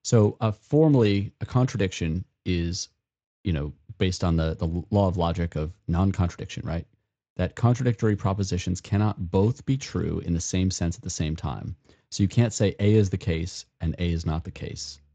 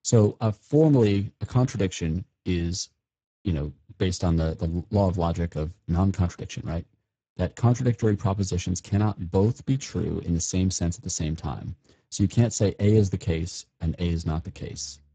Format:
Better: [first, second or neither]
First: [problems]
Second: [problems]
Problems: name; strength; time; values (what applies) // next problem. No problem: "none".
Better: first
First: garbled, watery; slightly; nothing above 7.5 kHz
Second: garbled, watery; badly; nothing above 7.5 kHz